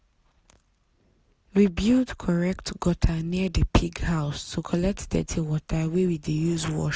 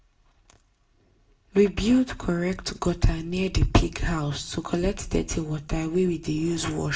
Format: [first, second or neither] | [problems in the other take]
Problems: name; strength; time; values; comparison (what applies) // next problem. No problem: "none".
first | room echo; dies away in 0.3 s